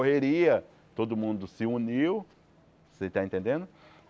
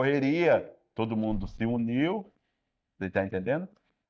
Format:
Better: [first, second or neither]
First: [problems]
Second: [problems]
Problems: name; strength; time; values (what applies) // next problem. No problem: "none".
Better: first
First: none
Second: noise reduction (neural mask model DeepFilterNet 3)